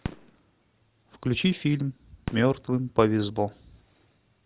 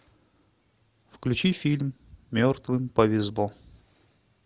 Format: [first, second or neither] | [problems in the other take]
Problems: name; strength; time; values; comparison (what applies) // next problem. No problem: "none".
second | background sound (Fireworks); 16 dB below the speech